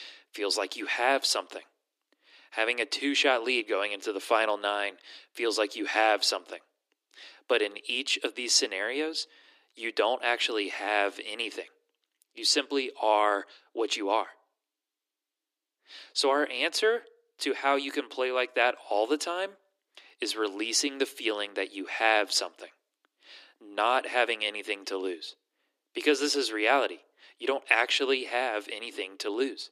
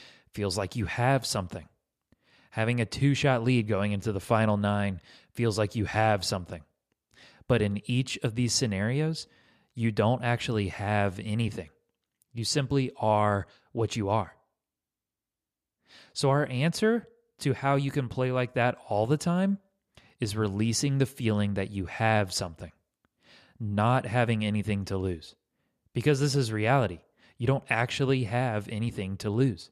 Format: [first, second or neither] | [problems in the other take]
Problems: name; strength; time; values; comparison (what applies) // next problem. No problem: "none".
second | thin; very; fading below 300 Hz